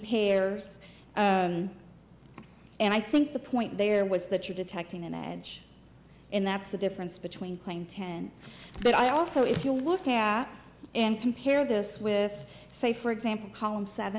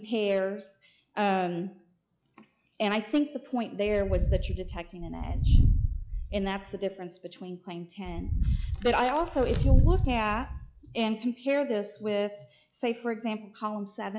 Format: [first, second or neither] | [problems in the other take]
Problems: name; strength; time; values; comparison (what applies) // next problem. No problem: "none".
first | noise reduction (classical method log-MMSE)